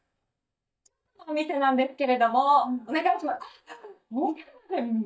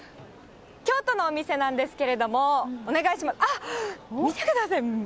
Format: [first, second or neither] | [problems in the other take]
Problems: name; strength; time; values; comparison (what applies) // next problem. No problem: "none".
second | noise reduction (neural mask model DeepFilterNet 3)